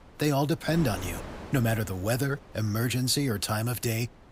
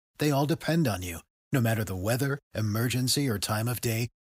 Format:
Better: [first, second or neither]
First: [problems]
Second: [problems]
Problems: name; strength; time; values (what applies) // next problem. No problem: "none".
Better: second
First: wind noise on the microphone; occasional gusts; 15 dB below the speech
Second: none